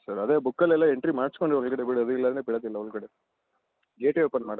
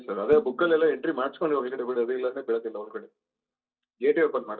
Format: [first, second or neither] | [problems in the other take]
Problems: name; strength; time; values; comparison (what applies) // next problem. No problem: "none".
first | noise reduction (neural mask model DeepFilterNet 3)